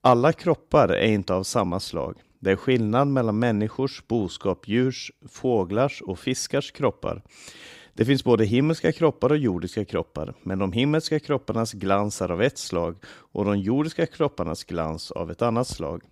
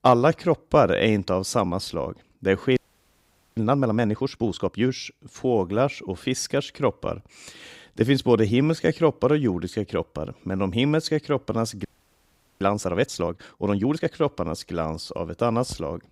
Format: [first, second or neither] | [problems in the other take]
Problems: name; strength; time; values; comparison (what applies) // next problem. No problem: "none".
first | audio freezing; at 3 s for 1 s and at 12 s for 1 s